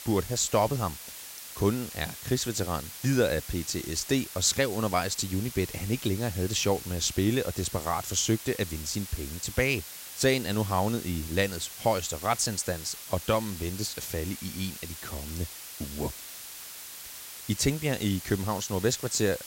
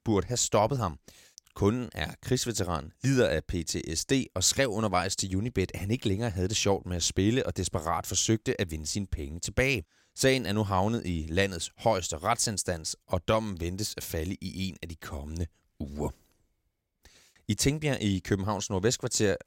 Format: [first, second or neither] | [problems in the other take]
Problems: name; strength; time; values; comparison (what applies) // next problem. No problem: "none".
second | hiss; noticeable; throughout; 10 dB below the speech